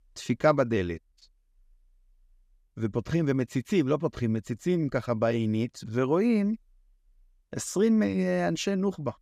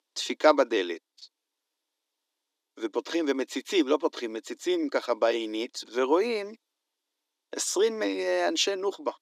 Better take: first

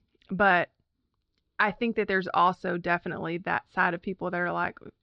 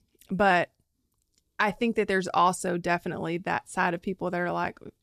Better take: second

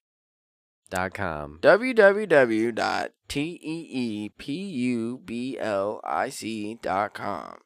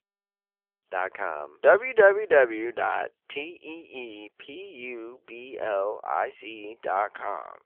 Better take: first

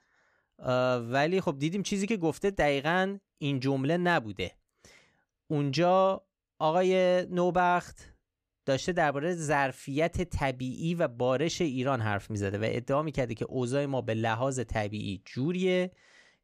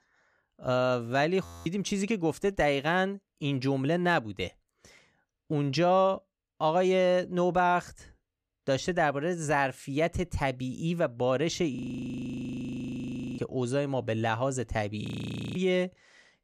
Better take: first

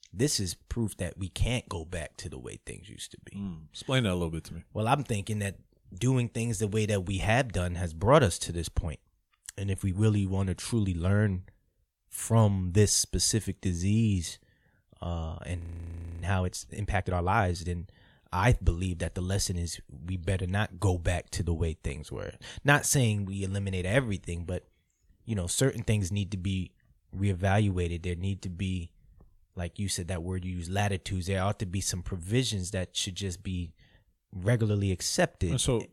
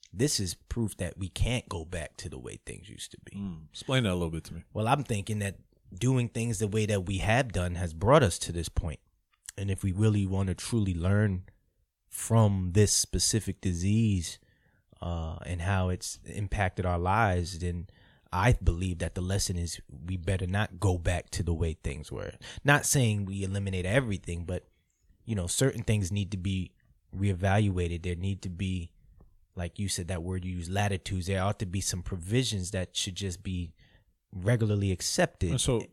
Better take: second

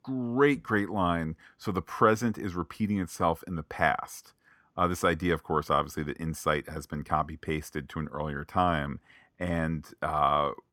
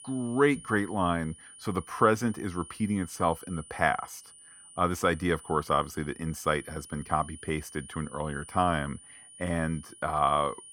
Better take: first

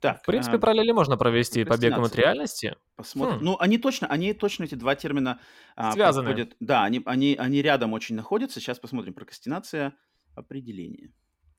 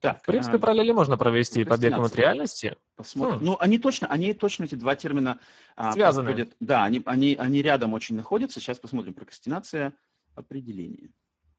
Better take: first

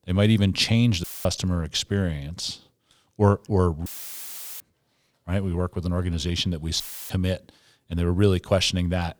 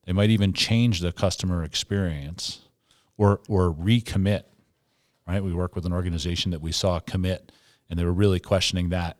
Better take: second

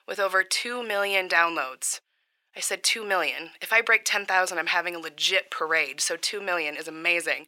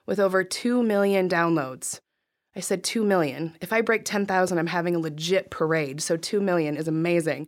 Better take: second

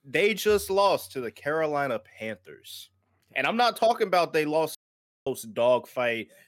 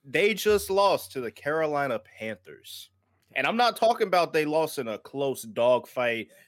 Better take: second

